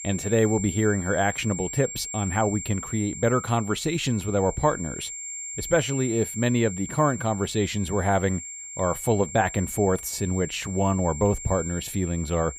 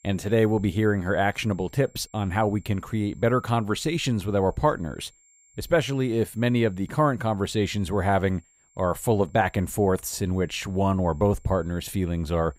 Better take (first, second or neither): second